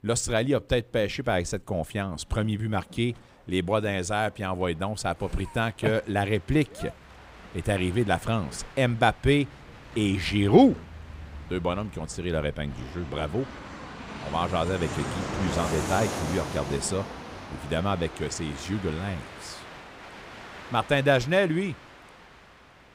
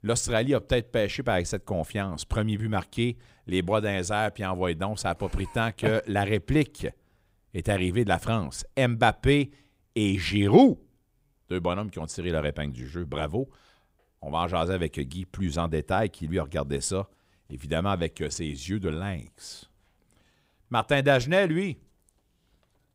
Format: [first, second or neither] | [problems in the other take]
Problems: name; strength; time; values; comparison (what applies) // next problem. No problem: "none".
second | train or aircraft noise; noticeable; throughout; 10 dB below the speech